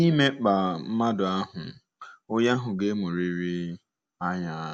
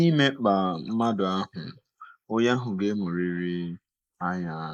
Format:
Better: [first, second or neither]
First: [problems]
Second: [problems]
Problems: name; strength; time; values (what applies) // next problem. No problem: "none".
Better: first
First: none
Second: noise reduction (neural mask model Resemble Enhance denoiser)